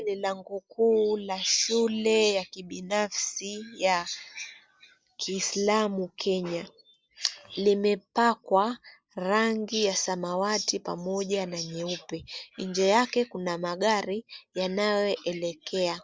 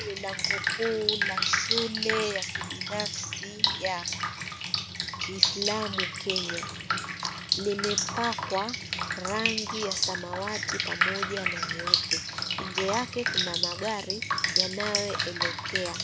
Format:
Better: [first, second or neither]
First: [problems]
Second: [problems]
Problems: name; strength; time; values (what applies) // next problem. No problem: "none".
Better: first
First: none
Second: background sound (Drip); 4 dB above the speech